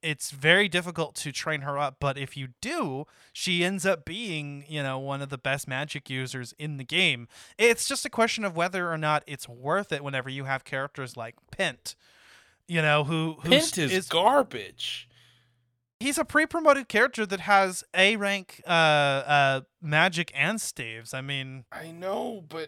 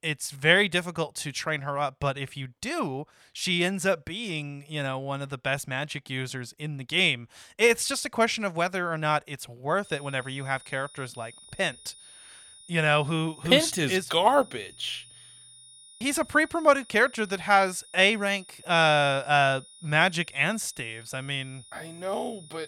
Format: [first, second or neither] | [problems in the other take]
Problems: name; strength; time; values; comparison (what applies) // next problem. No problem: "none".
first | high-pitched whine; faint; from 10 s on; 9.5 kHz, 20 dB below the speech